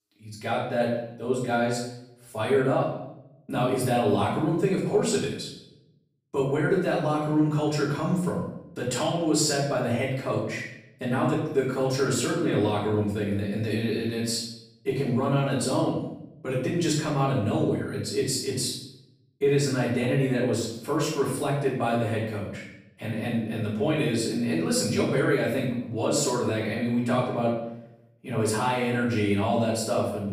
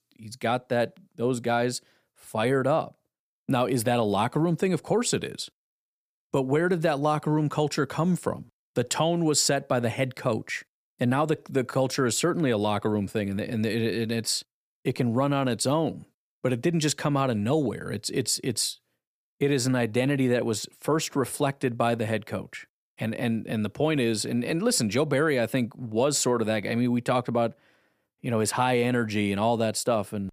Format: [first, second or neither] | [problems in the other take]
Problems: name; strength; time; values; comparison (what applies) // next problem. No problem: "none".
second | off-mic speech; far // room echo; noticeable; dies away in 0.7 s